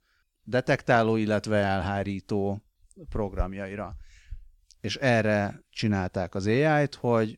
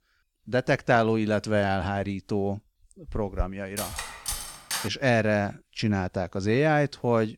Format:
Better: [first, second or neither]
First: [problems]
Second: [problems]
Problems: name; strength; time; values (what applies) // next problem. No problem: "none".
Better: first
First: none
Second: clattering dishes; noticeable; from 4 to 5 s; peak 5 dB below the speech